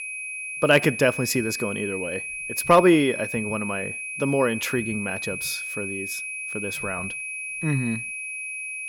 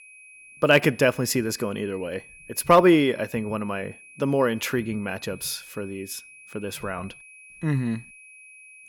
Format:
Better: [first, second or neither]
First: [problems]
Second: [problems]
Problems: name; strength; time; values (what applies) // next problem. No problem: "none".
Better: second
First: high-pitched whine; loud; throughout; 2.5 kHz, 6 dB below the speech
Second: high-pitched whine; faint; throughout; 2.5 kHz, 20 dB below the speech